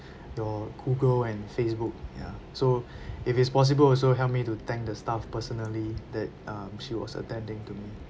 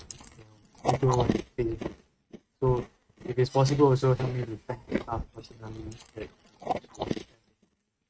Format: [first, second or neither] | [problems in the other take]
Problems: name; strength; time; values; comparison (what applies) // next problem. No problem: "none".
first | noise reduction (neural mask model RNNoise)